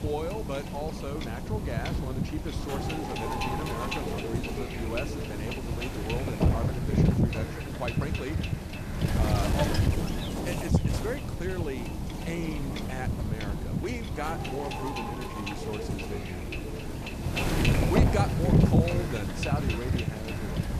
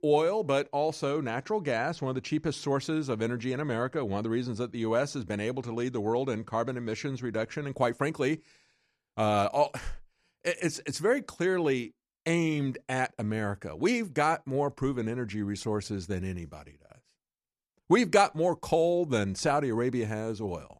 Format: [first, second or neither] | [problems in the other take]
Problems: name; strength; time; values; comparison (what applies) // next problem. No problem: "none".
second | wind noise on the microphone; heavy; 2 dB above the speech